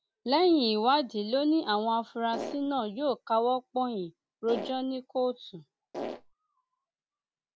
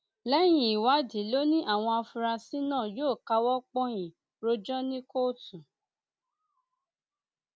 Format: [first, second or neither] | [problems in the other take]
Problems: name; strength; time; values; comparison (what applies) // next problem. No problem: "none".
second | background sound (Fart); 8 dB below the speech